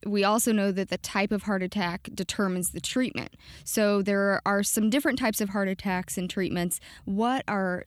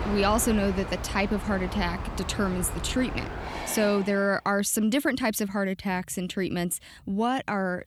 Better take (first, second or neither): first